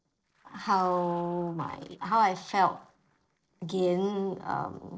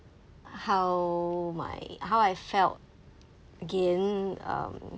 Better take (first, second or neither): second